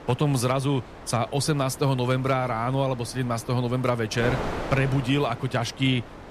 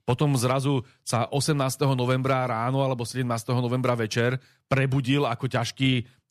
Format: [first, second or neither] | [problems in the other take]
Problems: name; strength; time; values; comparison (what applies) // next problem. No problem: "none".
second | wind noise on the microphone; occasional gusts; 10 dB below the speech